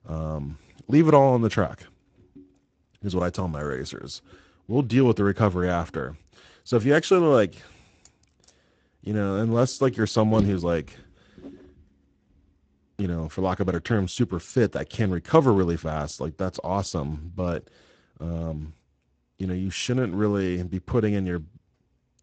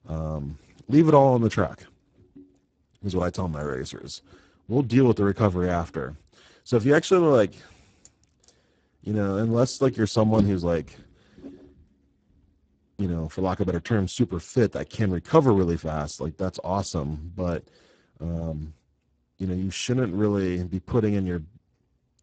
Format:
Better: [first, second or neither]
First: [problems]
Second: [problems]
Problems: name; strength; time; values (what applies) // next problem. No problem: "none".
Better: first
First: garbled, watery; slightly; nothing above 8 kHz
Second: garbled, watery; badly; nothing above 8 kHz